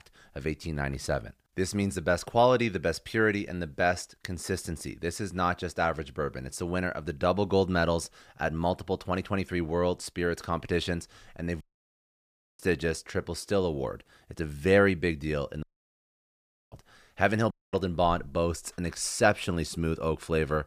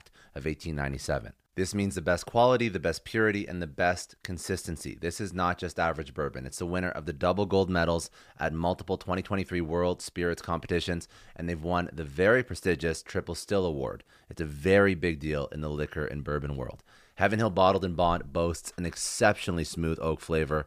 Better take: second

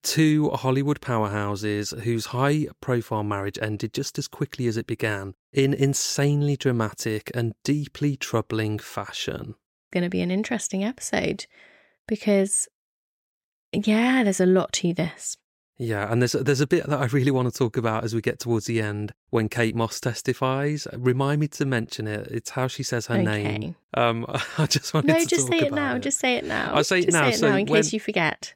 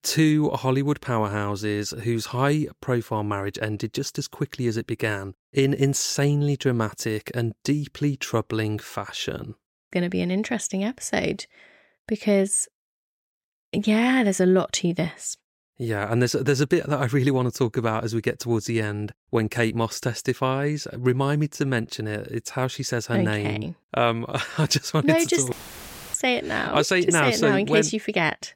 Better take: first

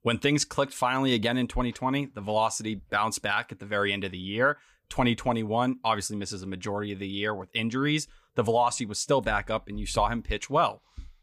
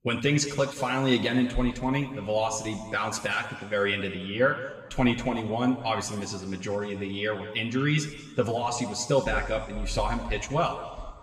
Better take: first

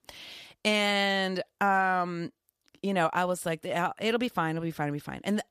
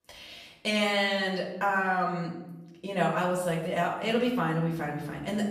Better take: first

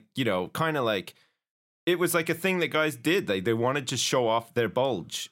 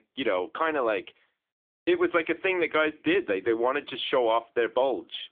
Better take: first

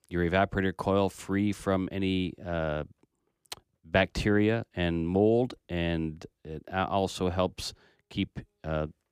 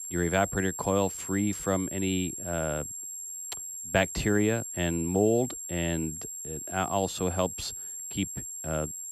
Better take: first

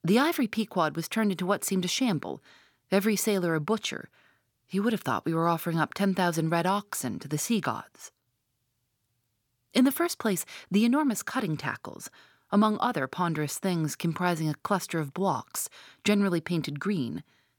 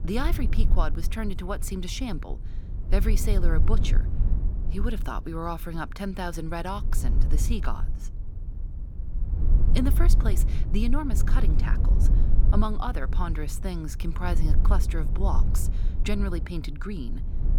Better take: first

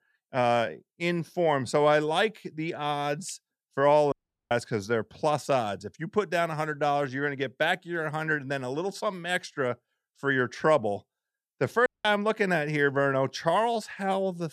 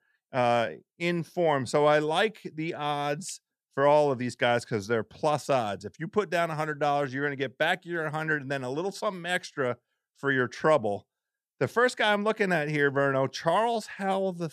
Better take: second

